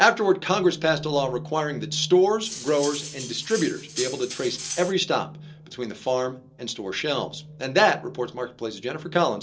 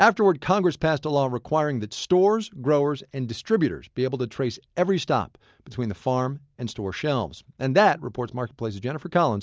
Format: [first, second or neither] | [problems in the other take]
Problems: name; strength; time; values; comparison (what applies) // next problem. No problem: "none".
second | background sound (Cutlery, silverware); 11 dB below the speech // room echo; dies away in 0.2 s